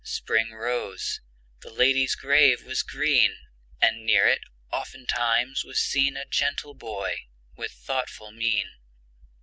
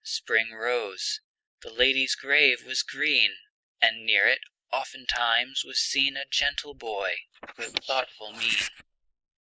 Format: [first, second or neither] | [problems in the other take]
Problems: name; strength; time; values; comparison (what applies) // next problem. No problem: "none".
first | noise reduction (neural mask model Resemble Enhance denoiser)